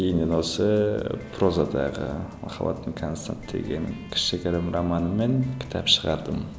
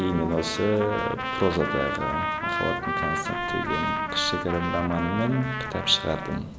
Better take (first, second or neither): first